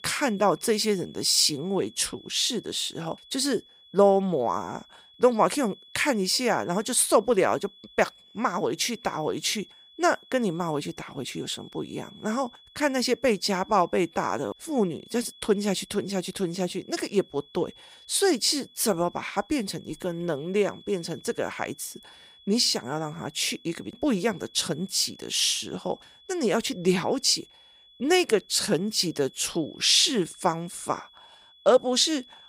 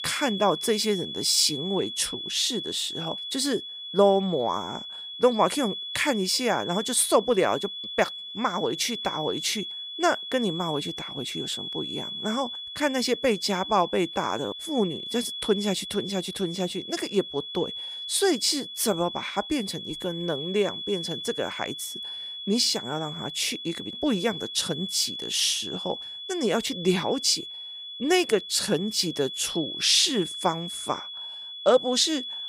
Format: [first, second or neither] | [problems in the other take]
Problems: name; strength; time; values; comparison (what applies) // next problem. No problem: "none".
first | high-pitched whine; loud; throughout; 3.5 kHz, 8 dB below the speech; faint in the first